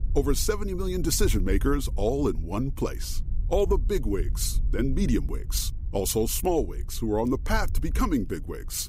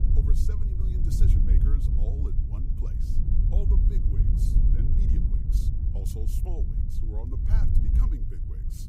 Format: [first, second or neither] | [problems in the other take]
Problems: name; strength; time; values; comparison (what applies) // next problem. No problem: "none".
first | wind noise on the microphone; heavy; 4 dB above the speech; occasional gusts in the first